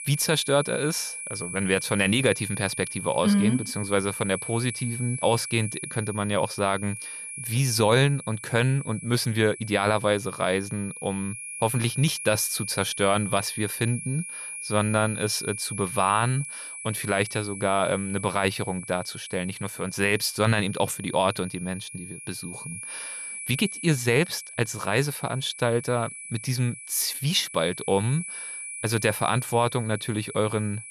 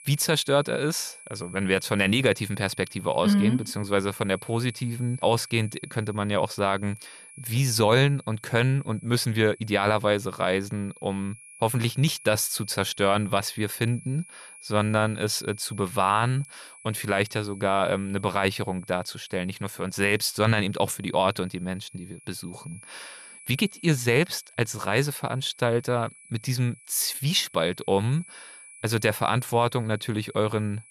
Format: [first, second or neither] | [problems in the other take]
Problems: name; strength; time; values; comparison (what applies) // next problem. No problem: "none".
second | high-pitched whine; loud; throughout; 10 kHz, 9 dB below the speech; faint in the second